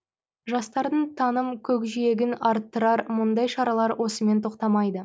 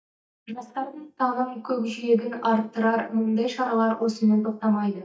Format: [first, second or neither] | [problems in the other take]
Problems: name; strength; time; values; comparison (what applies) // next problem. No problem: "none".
first | noise reduction (neural mask model DeepFilterNet 3)